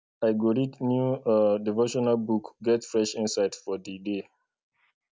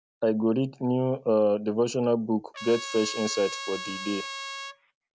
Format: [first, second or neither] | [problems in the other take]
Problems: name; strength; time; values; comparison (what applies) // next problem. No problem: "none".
first | background sound (Trumpet); 10 dB below the speech